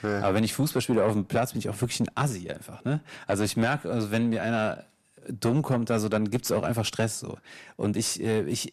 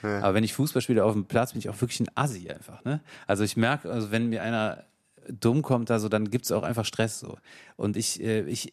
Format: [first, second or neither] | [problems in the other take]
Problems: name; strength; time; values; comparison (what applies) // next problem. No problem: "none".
second | distortion; slight; 10 dB below the speech